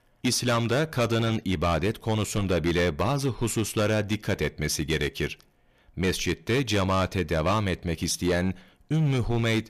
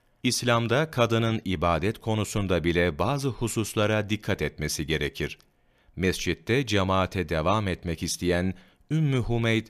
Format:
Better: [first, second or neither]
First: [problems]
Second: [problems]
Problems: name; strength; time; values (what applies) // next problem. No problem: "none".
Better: second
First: distortion; slight; 10% of the sound clipped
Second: none